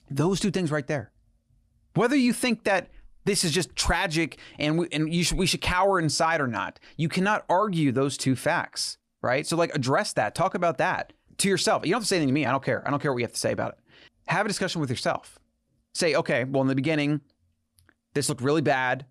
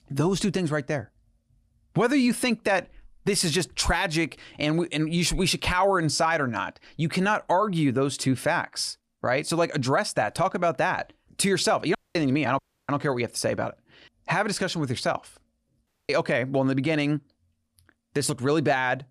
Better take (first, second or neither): first